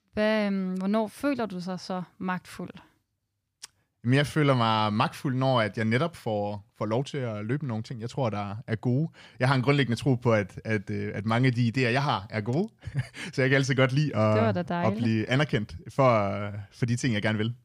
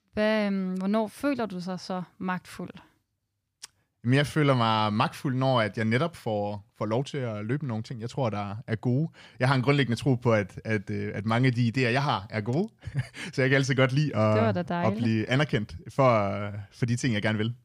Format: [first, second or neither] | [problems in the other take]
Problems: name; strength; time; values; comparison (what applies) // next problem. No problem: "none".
neither | none